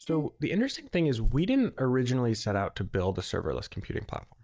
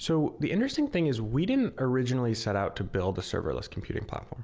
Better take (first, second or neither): second